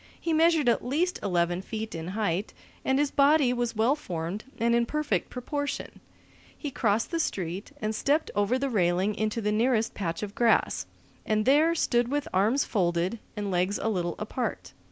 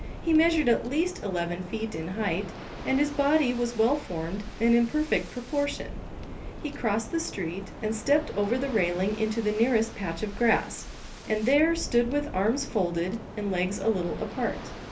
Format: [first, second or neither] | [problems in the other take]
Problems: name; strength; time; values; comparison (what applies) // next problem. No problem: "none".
first | background sound (Waves, surf); 12 dB below the speech // room echo; dies away in 0.3 s